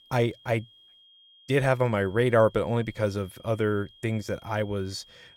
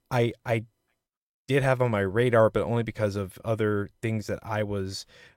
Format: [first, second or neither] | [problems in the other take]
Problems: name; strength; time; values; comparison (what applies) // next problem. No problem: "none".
second | high-pitched whine; faint; throughout; 3 kHz, 25 dB below the speech